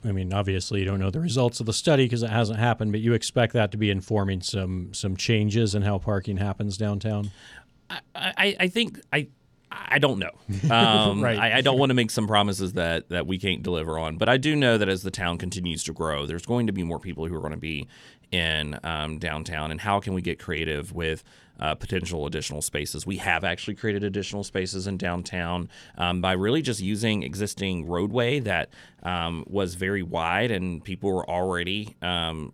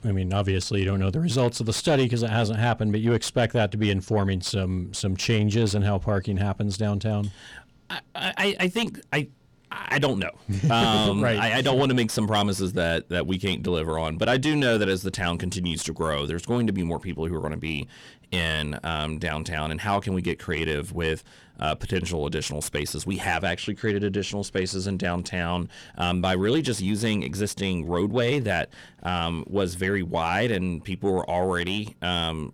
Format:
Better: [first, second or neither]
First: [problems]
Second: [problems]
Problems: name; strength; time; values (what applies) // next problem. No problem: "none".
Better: first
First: none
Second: distortion; slight; 10 dB below the speech